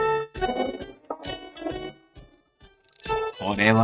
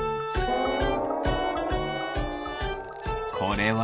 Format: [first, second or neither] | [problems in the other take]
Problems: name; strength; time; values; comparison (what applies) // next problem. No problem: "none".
second | noise reduction (neural mask model RNNoise)